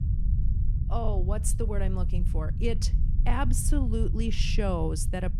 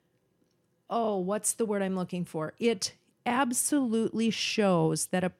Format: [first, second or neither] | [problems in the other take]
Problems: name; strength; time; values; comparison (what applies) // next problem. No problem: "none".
second | low rumble; noticeable; throughout; 10 dB below the speech